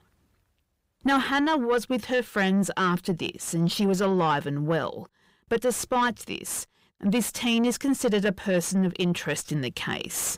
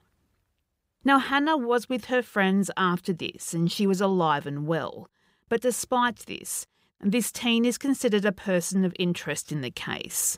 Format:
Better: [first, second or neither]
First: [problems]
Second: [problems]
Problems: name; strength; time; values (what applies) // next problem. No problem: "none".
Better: second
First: distortion; slight; 10 dB below the speech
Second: none